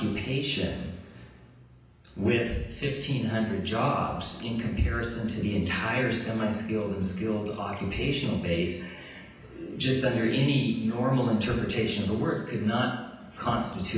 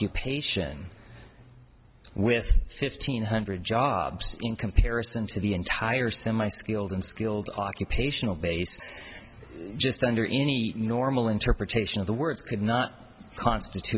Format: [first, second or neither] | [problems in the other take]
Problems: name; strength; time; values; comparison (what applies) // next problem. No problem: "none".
second | room echo; dies away in 0.9 s